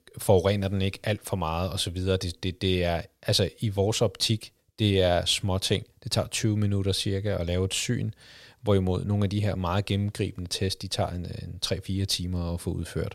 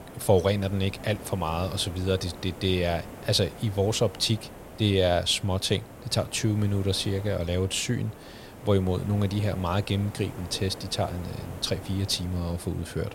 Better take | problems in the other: first | hiss; noticeable; throughout; 15 dB below the speech

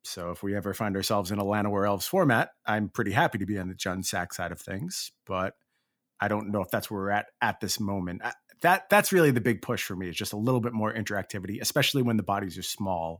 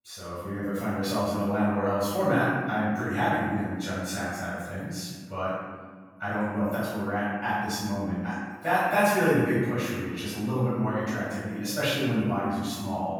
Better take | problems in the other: first | off-mic speech; far // room echo; strong; dies away in 1.5 s

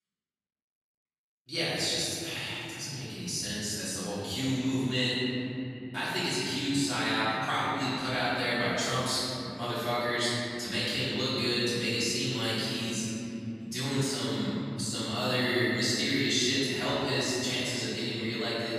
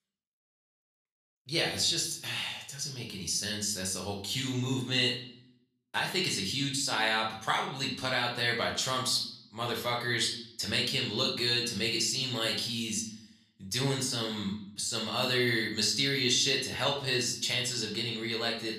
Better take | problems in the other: second | room echo; strong; dies away in 3 s; slight in the second // off-mic speech; far; far in the second

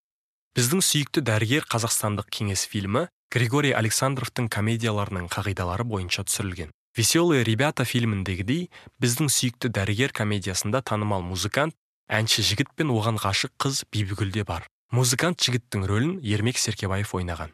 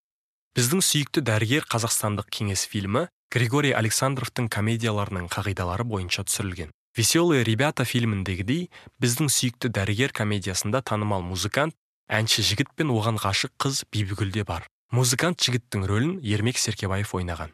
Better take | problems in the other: neither | none

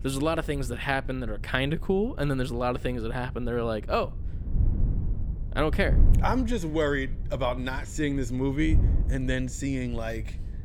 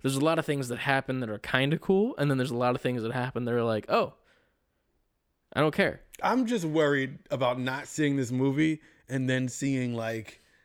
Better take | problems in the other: second | wind noise on the microphone; occasional gusts; 15 dB below the speech

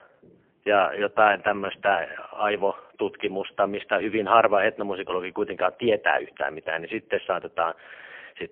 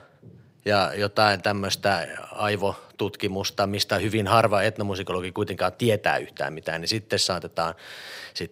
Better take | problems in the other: second | phone-call audio; poor line; nothing above 3 kHz

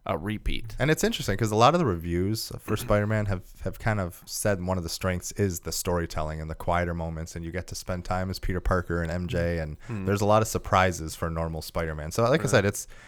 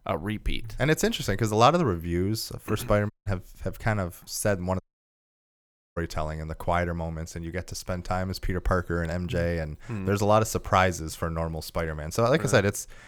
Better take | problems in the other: first | audio cutting out; at 3 s and at 5 s for 1 s

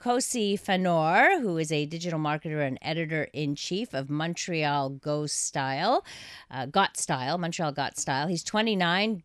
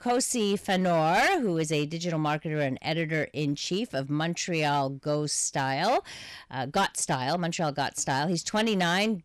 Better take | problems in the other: first | distortion; slight; 6% of the sound clipped

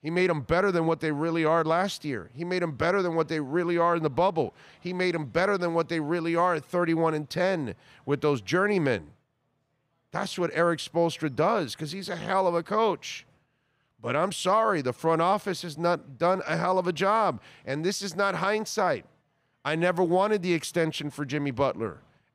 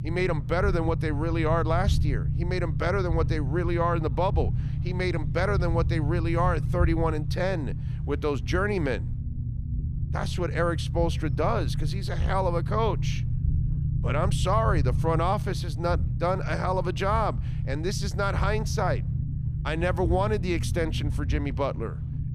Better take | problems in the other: first | low rumble; noticeable; throughout; 15 dB below the speech

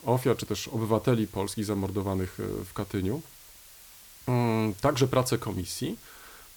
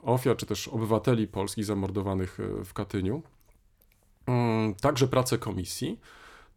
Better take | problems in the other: second | hiss; noticeable; throughout; 20 dB below the speech

